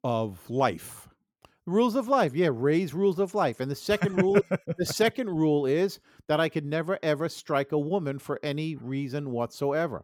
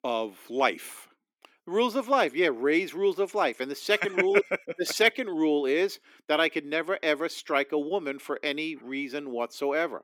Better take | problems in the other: first | thin; very slightly; fading below 300 Hz

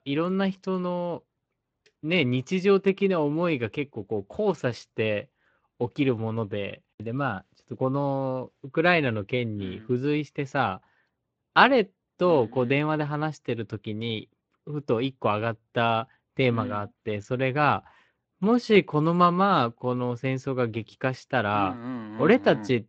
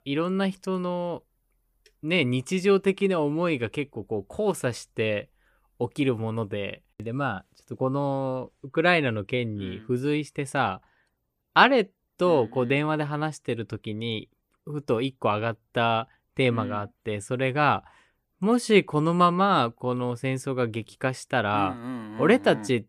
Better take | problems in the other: second | garbled, watery; slightly; nothing above 7.5 kHz

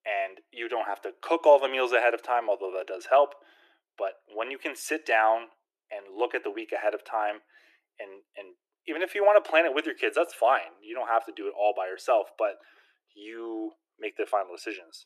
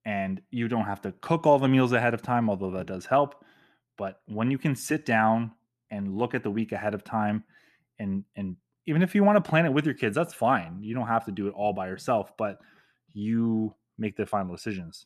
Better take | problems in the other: second | thin; very; fading below 350 Hz

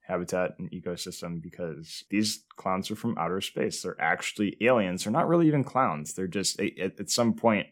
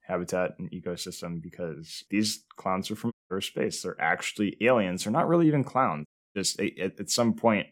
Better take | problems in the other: first | audio cutting out; at 3 s and at 6 s

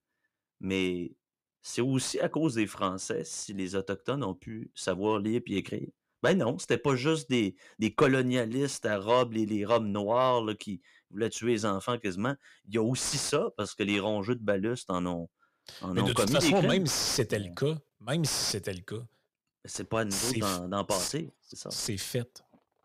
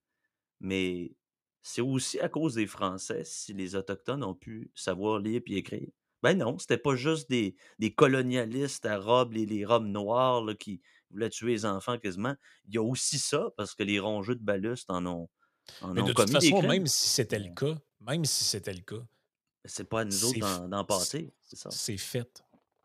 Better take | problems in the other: second | distortion; slight; 10 dB below the speech

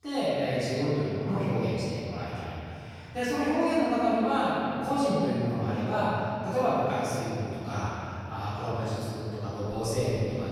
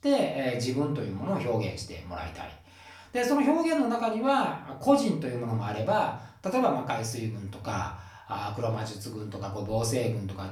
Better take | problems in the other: second | room echo; strong; dies away in 3 s; slight in the second // off-mic speech; far; far in the second

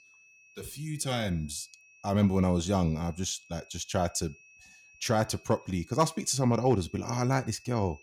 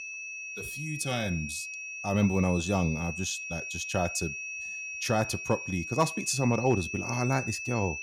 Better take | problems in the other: first | high-pitched whine; loud; throughout; 2.5 kHz, 6 dB below the speech; faint in the first

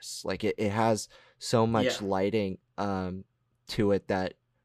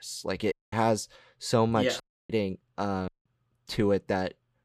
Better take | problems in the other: first | audio cutting out; at 0.5 s, at 2 s and at 3 s

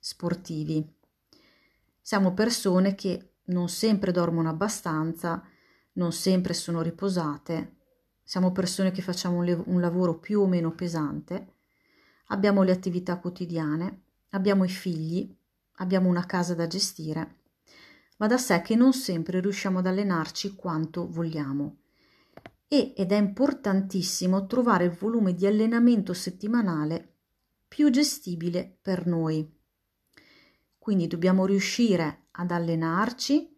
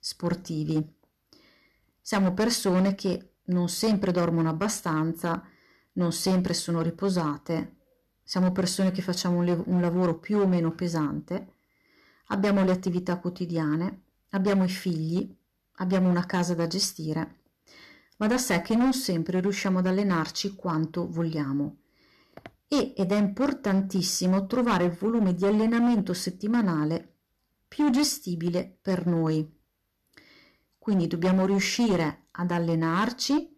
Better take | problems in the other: first | distortion; slight; 8% of the sound clipped

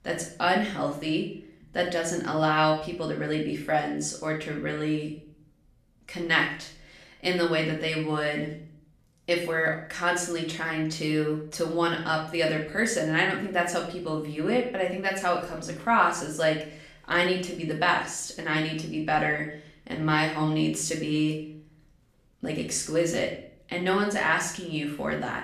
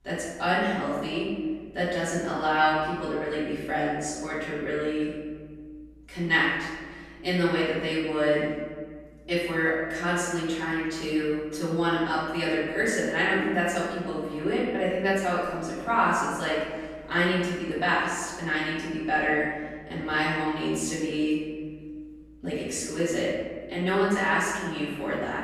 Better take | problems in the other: first | room echo; strong; dies away in 1.4 s; slight in the first // off-mic speech; far; far in the first

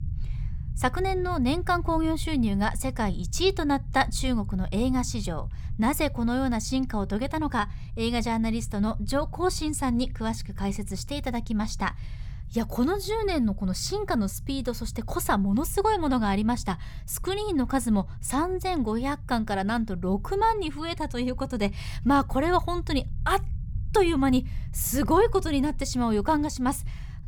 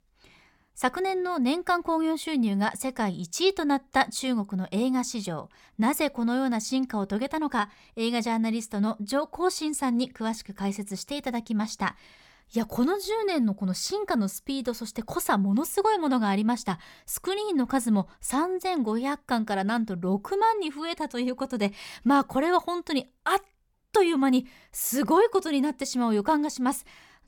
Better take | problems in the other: second | low rumble; faint; throughout; 25 dB below the speech

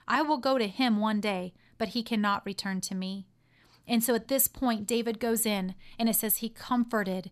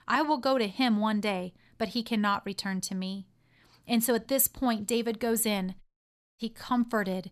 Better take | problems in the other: first | audio cutting out; at 6 s for 0.5 s

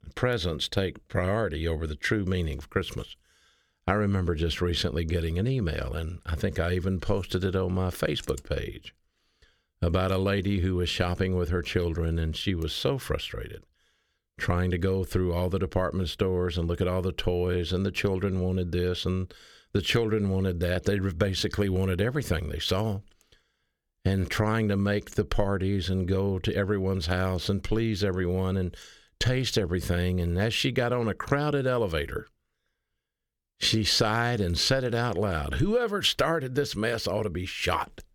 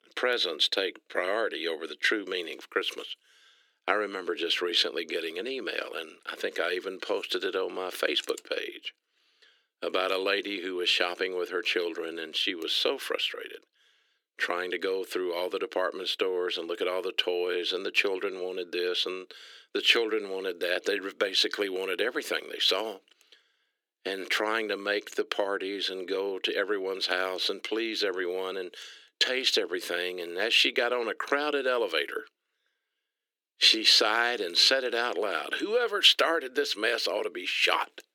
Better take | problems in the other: first | thin; very; fading below 300 Hz

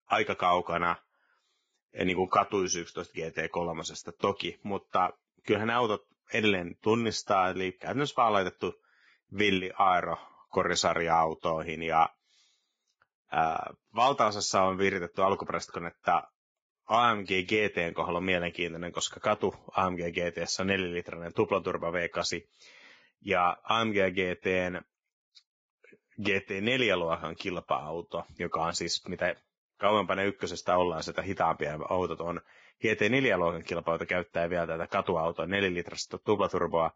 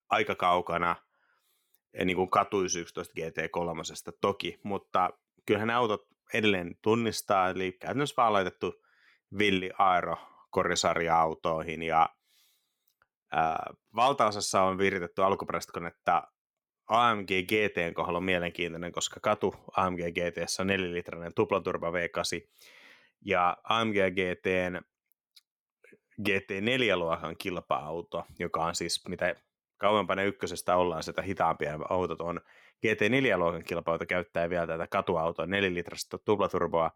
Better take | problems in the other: second | garbled, watery; badly; nothing above 7.5 kHz

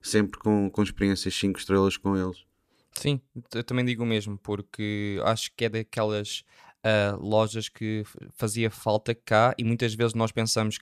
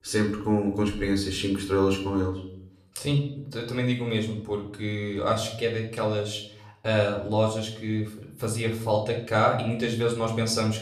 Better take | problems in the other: first | room echo; slight; dies away in 0.5 s // off-mic speech; somewhat distant

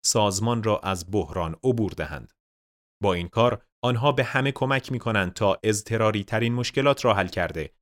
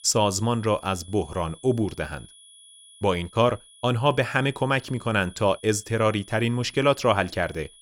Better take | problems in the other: first | high-pitched whine; faint; throughout; 3.5 kHz, 25 dB below the speech

